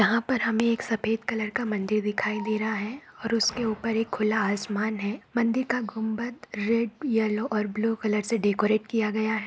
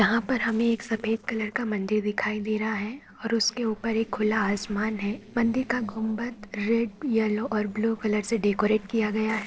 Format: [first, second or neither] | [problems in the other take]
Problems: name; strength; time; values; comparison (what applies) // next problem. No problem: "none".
first | noise reduction (neural separator model SepFormer DNS4)